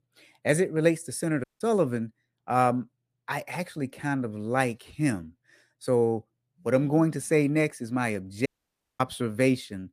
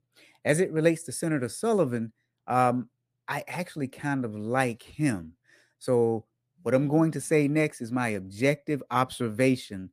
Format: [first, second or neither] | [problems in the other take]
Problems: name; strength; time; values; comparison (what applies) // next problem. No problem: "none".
second | audio cutting out; at 1.5 s and at 8.5 s for 0.5 s